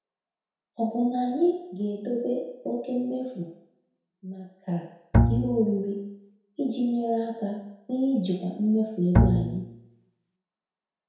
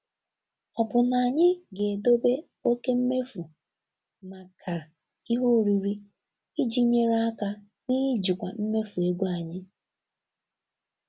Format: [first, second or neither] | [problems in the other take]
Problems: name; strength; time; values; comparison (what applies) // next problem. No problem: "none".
second | background sound (Bowed string instrument); 4 dB above the speech // room echo; dies away in 0.7 s